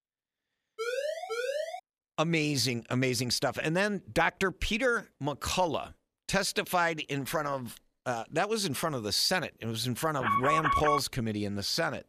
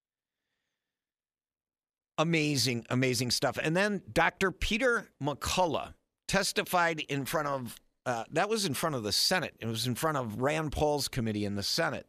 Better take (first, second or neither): second